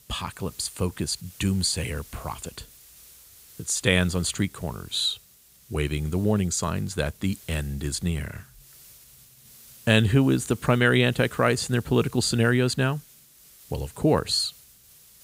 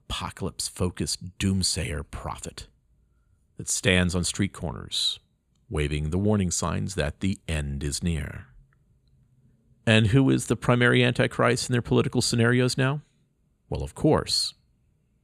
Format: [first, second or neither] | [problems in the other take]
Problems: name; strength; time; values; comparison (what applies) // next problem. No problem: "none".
second | hiss; faint; throughout; 25 dB below the speech